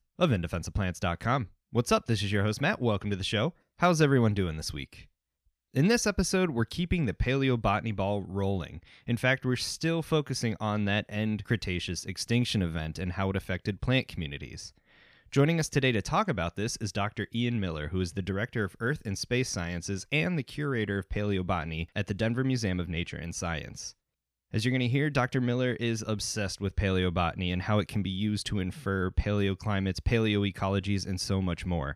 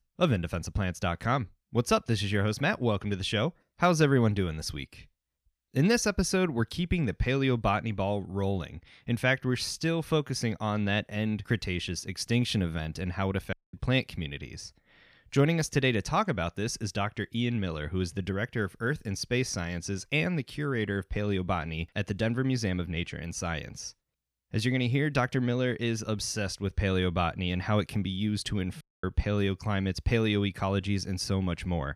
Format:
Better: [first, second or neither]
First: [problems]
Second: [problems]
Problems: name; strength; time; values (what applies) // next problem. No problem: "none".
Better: first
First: none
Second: audio cutting out; at 14 s and at 29 s